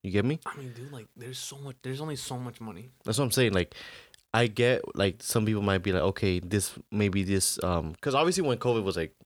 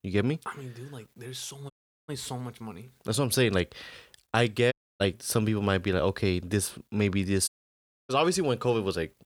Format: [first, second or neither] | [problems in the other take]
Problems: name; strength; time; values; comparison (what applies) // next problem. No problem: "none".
first | audio cutting out; at 1.5 s, at 4.5 s and at 7.5 s for 0.5 s